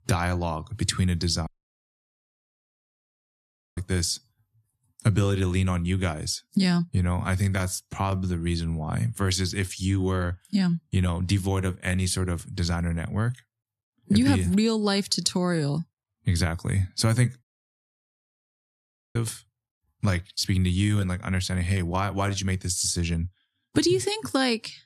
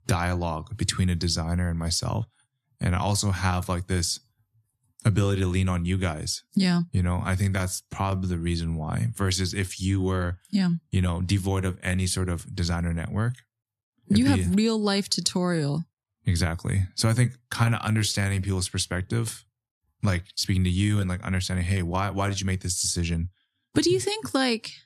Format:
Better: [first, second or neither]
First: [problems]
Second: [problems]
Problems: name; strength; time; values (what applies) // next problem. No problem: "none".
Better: second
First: audio cutting out; at 1.5 s for 2.5 s and at 17 s for 1.5 s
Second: none